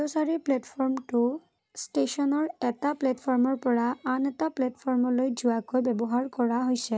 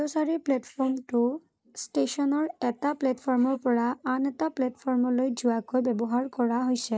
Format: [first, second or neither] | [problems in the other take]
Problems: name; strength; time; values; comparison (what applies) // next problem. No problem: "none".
first | noise reduction (neural mask model Resemble Enhance denoiser)